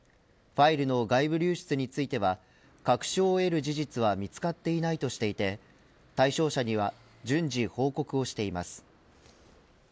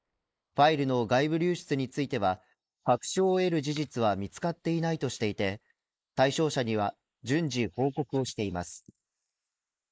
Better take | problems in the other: first | noise reduction (neural mask model Resemble Enhance denoiser)

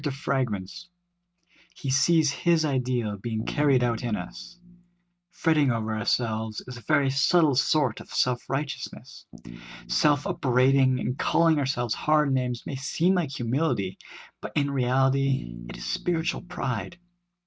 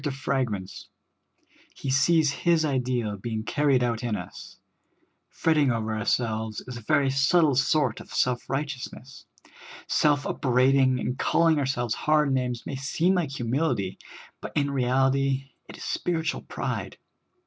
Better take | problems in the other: second | noise reduction (neural mask model RNNoise)

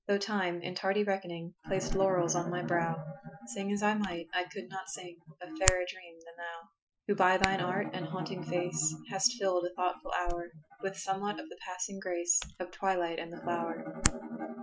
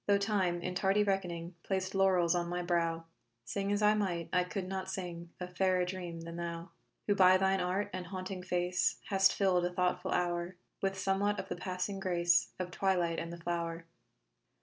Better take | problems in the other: second | noise reduction (classical method Wiener filter)

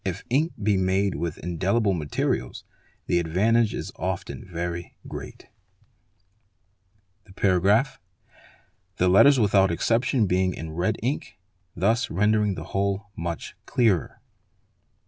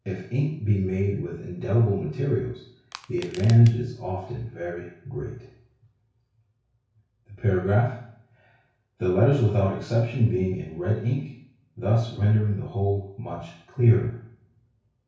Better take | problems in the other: first | background sound (Crushing); 19 dB below the speech // room echo; dies away in 0.6 s

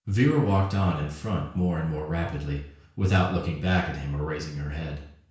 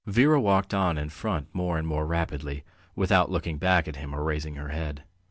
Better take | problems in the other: second | room echo; dies away in 0.5 s

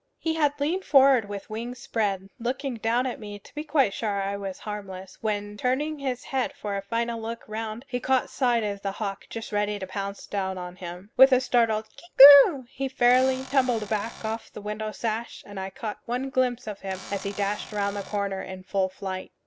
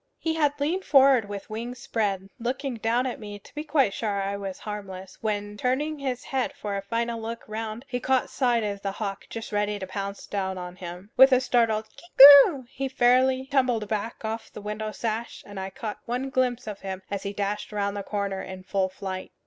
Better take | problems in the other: second | background sound (Cupboard open or close / Door); 17 dB below the speech

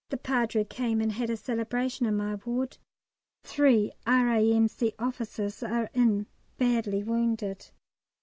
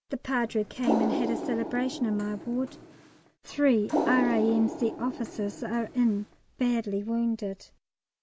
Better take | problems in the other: first | background sound (Water); 5 dB below the speech

